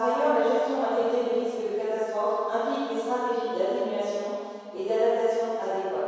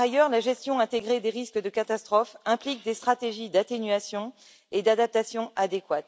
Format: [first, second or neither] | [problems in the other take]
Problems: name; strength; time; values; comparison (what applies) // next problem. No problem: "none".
second | room echo; dies away in 2.2 s